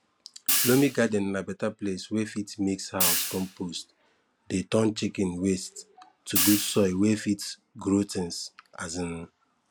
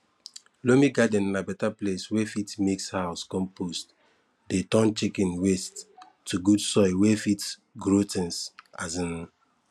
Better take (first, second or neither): second